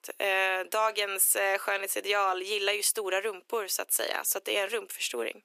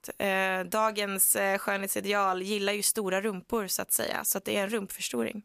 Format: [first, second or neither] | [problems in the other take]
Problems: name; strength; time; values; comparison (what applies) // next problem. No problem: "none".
second | thin; very; fading below 300 Hz